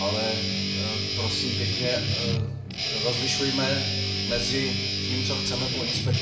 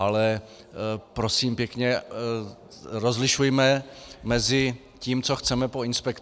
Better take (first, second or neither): second